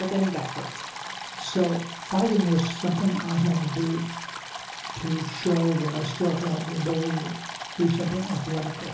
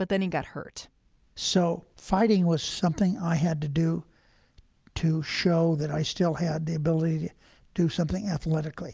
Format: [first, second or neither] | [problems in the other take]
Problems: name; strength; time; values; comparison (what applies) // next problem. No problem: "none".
second | background sound (Stream); 10 dB below the speech // room echo; dies away in 0.6 s